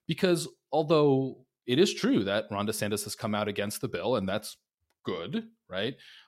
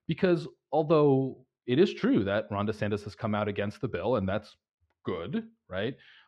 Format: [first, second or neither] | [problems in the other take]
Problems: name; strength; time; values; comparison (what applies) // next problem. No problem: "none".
first | muffled; slightly; fading above 2.5 kHz